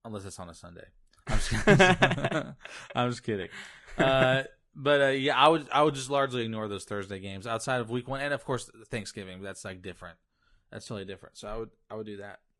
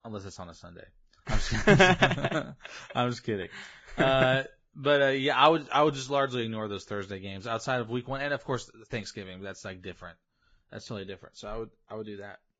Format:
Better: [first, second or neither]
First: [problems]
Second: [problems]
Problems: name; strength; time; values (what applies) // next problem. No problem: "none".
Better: first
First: garbled, watery; slightly; nothing above 10.5 kHz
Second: garbled, watery; badly; nothing above 7.5 kHz